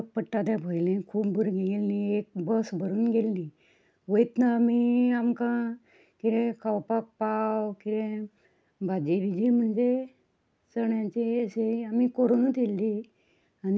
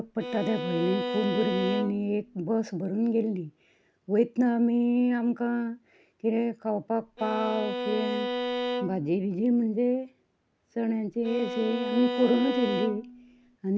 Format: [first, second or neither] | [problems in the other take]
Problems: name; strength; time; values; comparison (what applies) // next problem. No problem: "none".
first | background sound (Bowed string instrument); 4 dB below the speech